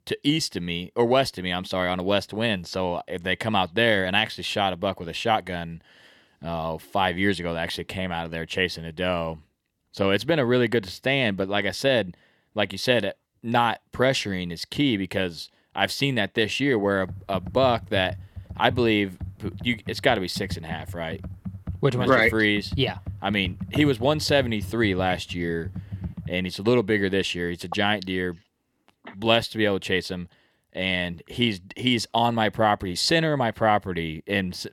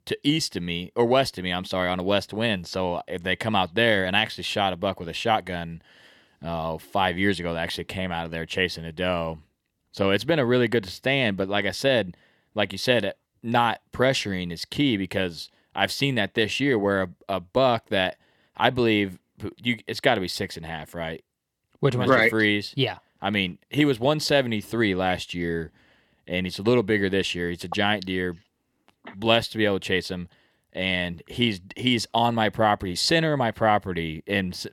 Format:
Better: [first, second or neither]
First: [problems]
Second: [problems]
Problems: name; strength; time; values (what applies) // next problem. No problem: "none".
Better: second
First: keyboard typing; noticeable; from 17 to 26 s; peak 8 dB below the speech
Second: none